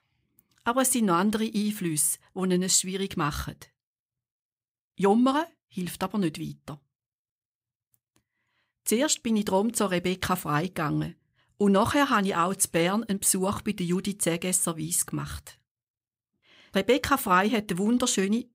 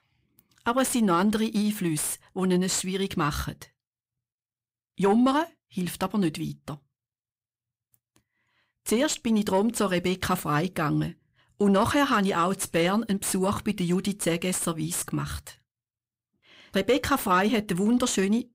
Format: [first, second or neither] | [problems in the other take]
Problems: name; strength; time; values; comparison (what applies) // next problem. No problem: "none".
first | distortion; slight; 10 dB below the speech